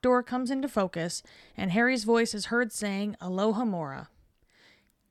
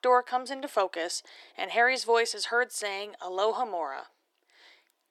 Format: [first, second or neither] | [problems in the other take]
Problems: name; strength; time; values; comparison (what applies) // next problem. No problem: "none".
first | thin; very; fading below 350 Hz